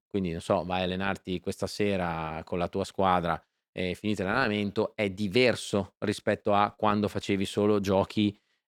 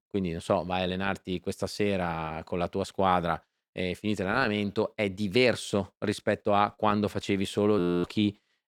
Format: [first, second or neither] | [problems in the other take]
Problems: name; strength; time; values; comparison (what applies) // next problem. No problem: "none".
first | audio freezing; at 8 s